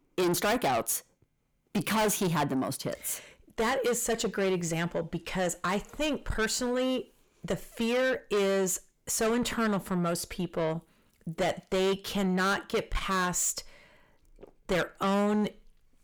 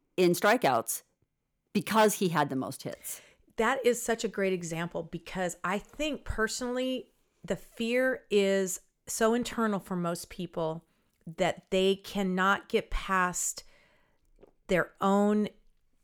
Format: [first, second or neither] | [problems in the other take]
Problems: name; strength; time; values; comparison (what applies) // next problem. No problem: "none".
second | distortion; heavy; 6 dB below the speech